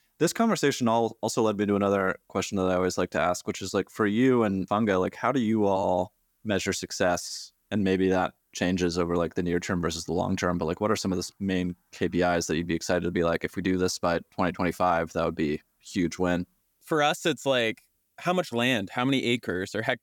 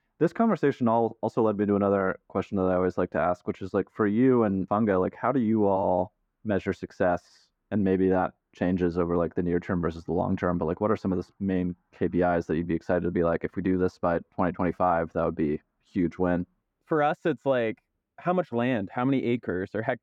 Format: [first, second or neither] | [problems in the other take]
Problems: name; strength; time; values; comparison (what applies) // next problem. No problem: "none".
first | muffled; very; fading above 3 kHz